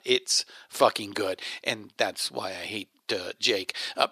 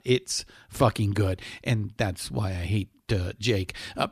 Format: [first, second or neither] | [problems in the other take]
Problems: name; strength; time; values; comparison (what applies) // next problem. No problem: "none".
second | thin; very; fading below 500 Hz